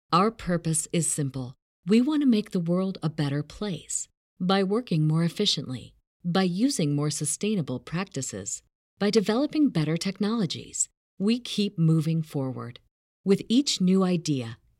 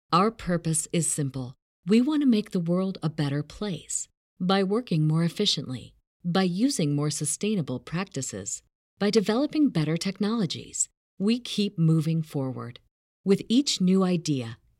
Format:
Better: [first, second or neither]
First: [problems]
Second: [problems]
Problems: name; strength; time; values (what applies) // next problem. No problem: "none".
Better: neither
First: none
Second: none